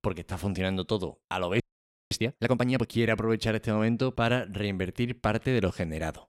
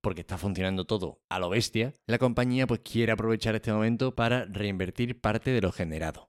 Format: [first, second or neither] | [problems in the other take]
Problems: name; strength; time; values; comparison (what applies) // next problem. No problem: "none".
second | audio freezing; at 1.5 s for 0.5 s